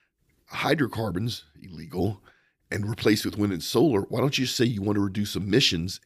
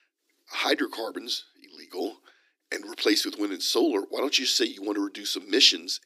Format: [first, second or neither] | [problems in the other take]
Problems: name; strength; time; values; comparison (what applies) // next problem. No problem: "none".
first | thin; somewhat; fading below 300 Hz